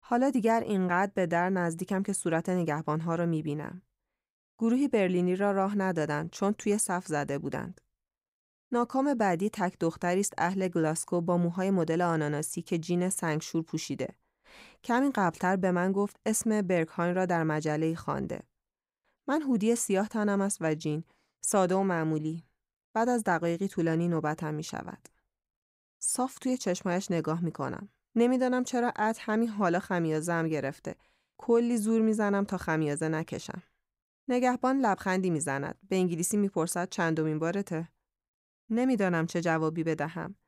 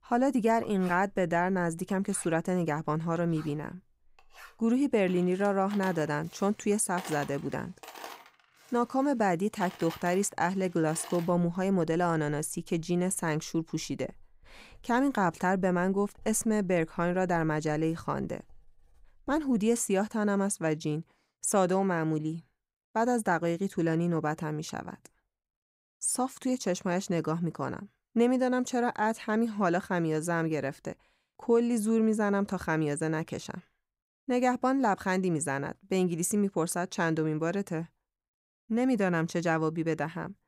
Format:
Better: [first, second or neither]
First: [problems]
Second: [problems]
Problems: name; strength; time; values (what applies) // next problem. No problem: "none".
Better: first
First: none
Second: household noises; noticeable; until 20 s; 20 dB below the speech